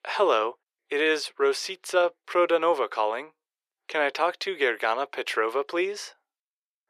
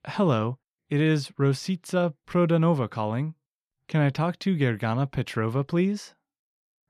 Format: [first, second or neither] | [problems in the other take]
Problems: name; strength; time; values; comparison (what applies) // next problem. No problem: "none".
second | thin; very; fading below 400 Hz